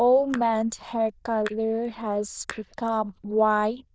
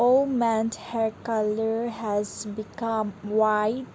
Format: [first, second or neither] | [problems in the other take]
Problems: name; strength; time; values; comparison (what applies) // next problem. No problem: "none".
second | noise reduction (neural diffusion model UNIVERSE++)